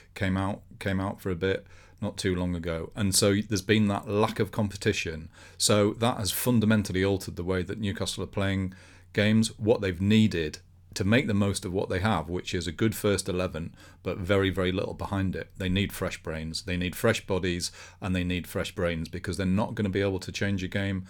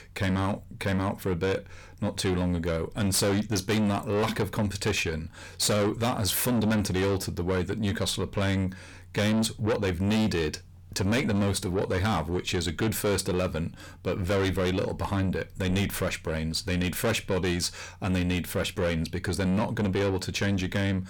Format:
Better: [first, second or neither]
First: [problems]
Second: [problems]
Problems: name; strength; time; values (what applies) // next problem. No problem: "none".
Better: first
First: none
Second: distortion; heavy; 7 dB below the speech